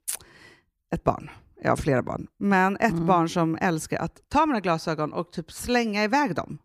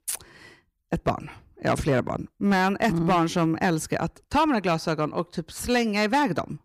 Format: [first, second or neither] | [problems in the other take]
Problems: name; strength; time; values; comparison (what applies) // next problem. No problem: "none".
first | distortion; slight; 5% of the sound clipped